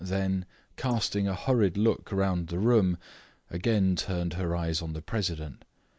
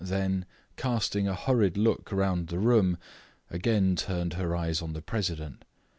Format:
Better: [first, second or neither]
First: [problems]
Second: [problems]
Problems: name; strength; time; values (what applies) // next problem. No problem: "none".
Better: second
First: noise reduction (neural mask model Resemble Enhance denoiser)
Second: none